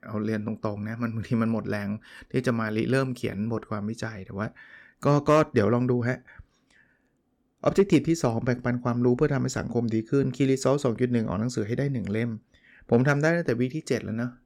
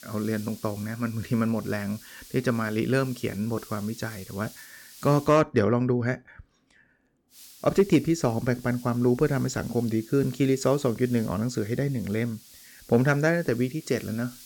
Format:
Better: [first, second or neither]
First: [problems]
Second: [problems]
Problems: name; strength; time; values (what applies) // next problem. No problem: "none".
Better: first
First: none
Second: hiss; faint; until 5.5 s and from 7.5 s on; 20 dB below the speech